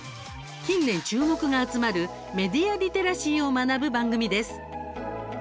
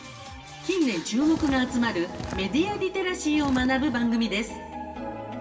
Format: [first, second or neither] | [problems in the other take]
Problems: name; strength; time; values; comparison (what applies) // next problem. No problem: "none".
first | background sound (Walk, footsteps); 11 dB below the speech // room echo; dies away in 1.7 s